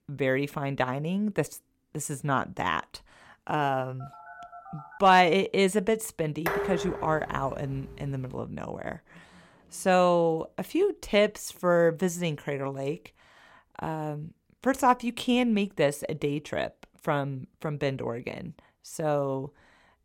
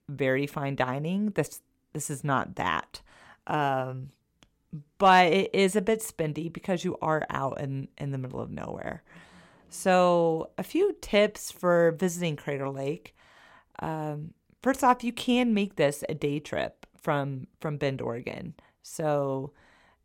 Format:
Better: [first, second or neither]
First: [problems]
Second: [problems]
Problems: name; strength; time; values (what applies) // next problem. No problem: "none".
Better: second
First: phone ringing; faint; at 4 s; peak 20 dB below the speech // clattering dishes; noticeable; from 6.5 to 8 s; peak 2 dB below the speech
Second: none